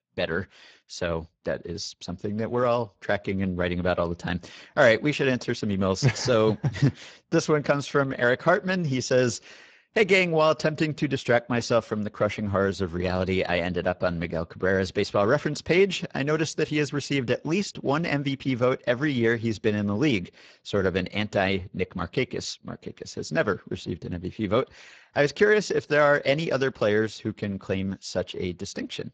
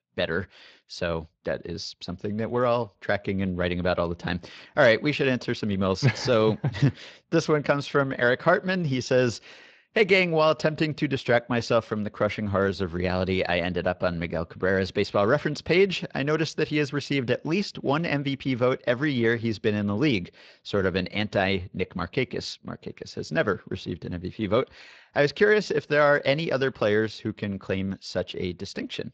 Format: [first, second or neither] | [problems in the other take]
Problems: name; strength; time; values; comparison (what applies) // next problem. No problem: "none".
second | garbled, watery; badly; nothing above 7.5 kHz; slightly in the second